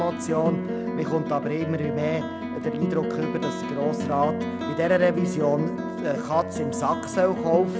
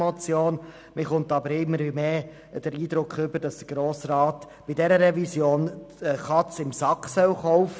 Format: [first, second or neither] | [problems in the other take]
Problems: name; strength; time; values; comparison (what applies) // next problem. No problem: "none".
second | background sound (Plucked string instrument); 3 dB below the speech